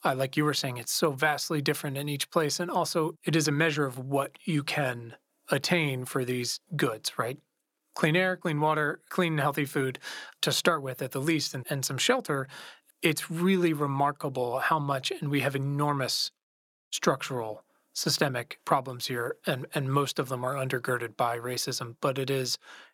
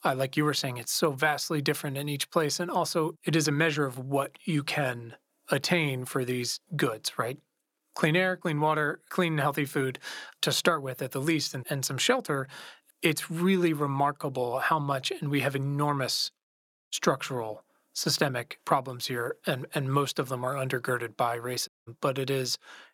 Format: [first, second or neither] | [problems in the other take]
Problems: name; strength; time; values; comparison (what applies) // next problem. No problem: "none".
first | audio cutting out; at 22 s